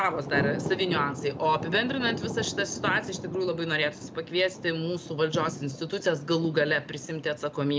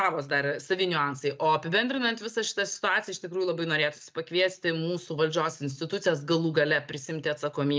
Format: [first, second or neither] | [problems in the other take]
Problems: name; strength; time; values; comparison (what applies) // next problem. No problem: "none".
second | background sound (Thunder); 8 dB below the speech